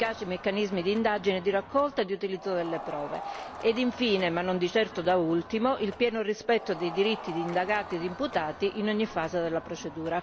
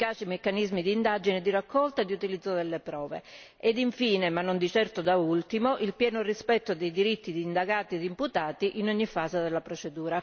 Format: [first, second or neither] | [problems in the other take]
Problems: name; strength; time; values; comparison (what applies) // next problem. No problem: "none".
second | background sound (Crowd); 14 dB below the speech